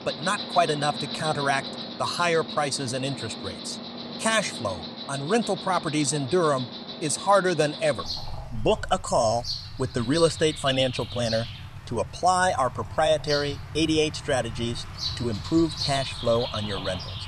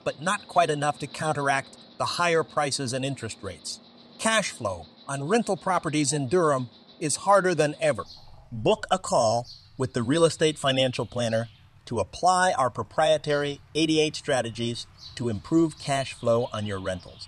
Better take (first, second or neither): second